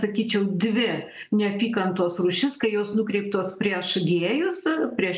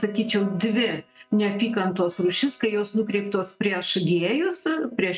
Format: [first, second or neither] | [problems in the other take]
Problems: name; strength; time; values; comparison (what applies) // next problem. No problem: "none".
first | noise reduction (neural mask model RNNoise)